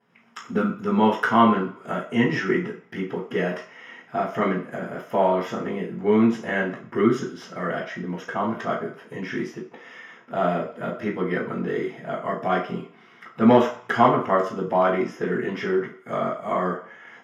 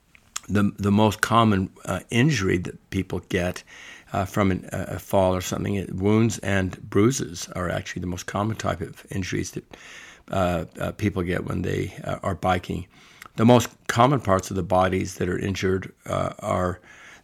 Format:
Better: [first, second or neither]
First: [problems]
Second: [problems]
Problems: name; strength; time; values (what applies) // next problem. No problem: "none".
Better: second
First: room echo; slight; dies away in 0.5 s // off-mic speech; far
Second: none